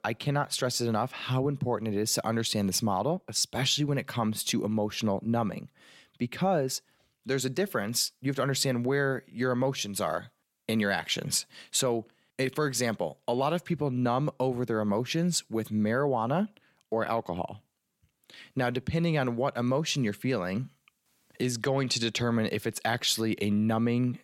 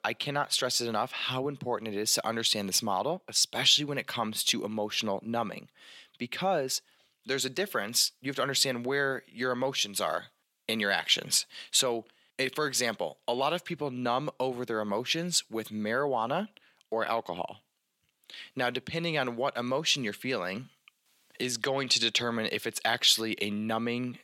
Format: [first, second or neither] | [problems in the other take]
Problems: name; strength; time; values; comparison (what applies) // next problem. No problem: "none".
first | thin; very slightly; fading below 450 Hz